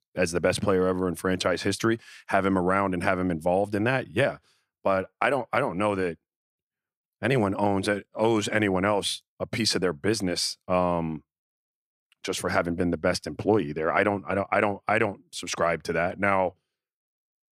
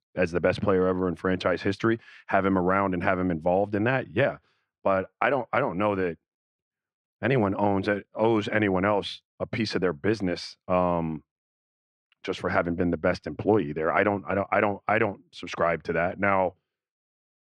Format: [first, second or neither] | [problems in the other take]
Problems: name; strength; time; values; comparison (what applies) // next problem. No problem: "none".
first | muffled; slightly; fading above 3 kHz